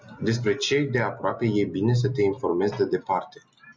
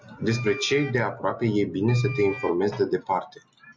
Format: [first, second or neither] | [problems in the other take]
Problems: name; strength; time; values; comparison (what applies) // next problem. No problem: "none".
first | background sound (Wind instrument, woodwind instrument); 15 dB below the speech